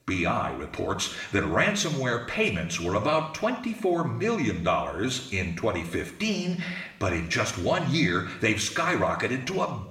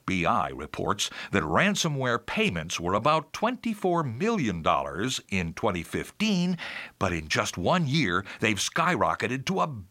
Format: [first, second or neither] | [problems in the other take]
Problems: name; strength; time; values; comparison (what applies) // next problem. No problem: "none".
second | room echo; slight; dies away in 0.7 s // off-mic speech; somewhat distant